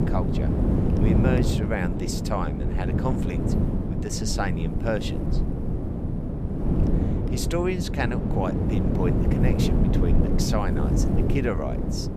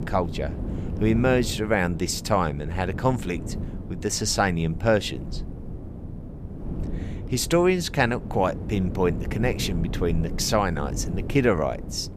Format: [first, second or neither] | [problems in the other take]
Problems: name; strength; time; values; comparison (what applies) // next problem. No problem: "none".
second | wind noise on the microphone; heavy; 1 dB below the speech; occasional gusts in the second